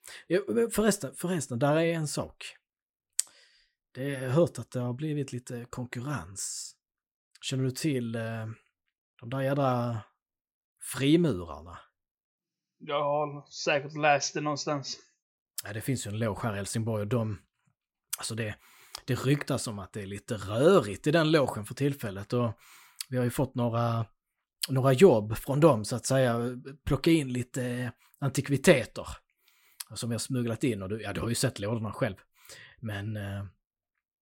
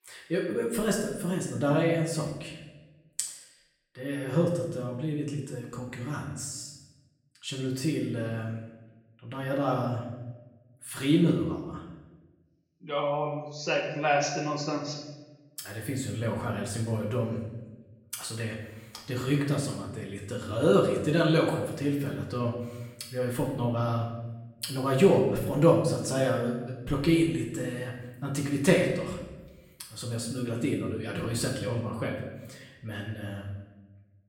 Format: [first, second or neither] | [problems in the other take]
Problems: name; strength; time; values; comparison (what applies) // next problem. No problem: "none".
first | room echo; noticeable; dies away in 0.9 s // off-mic speech; far